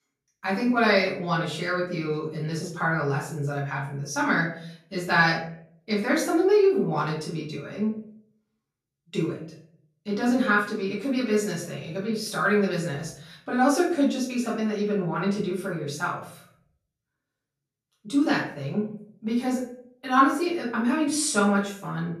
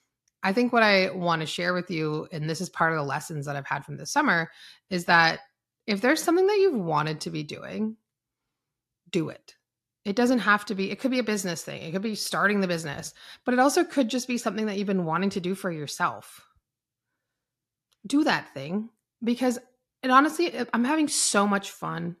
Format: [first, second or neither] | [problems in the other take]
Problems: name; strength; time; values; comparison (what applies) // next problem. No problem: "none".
second | off-mic speech; far // room echo; noticeable; dies away in 0.5 s